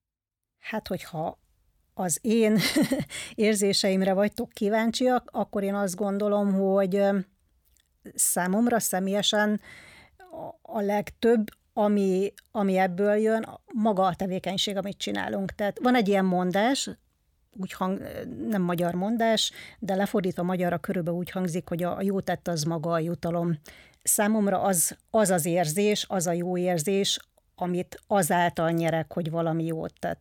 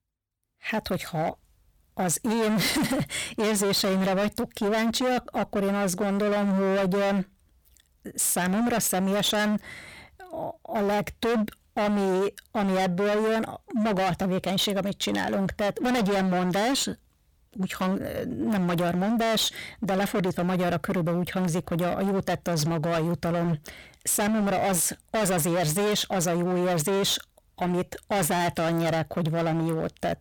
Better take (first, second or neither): first